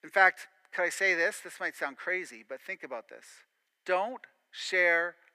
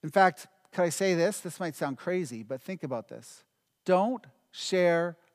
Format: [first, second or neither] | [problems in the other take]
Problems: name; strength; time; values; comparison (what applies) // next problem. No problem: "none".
second | thin; very; fading below 350 Hz